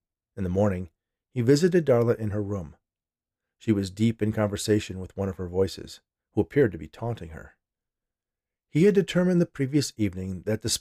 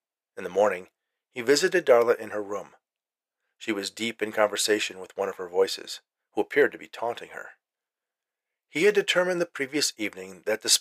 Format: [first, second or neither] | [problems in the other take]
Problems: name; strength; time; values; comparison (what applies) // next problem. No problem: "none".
first | thin; very; fading below 650 Hz